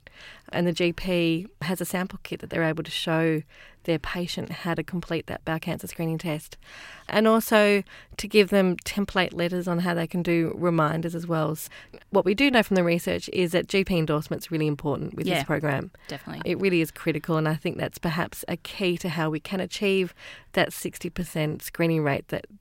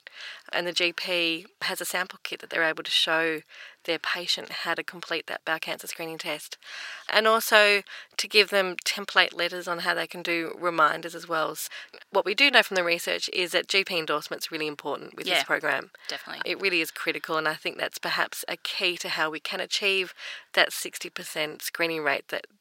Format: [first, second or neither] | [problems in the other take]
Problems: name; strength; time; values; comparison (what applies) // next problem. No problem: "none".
first | thin; very; fading below 500 Hz